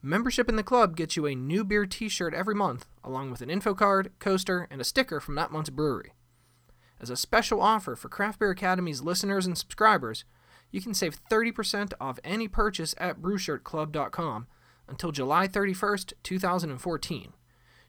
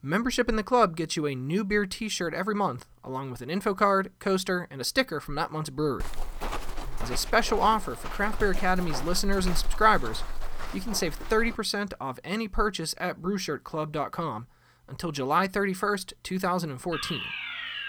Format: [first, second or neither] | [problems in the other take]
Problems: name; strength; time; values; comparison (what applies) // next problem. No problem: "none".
first | footsteps; noticeable; from 6 to 12 s; peak 7 dB below the speech // alarm; noticeable; at 17 s; peak 4 dB below the speech